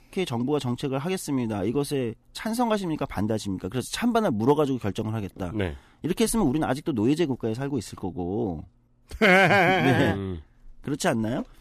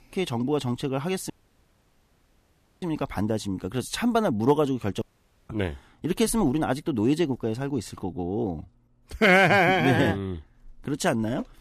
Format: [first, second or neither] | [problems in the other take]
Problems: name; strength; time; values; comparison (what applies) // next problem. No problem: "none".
first | audio cutting out; at 1.5 s for 1.5 s and at 5 s